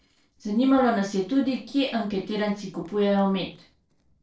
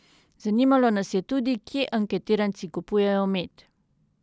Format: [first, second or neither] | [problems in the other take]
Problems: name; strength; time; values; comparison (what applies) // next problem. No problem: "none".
second | noise reduction (neural separator model SepFormer DNS4)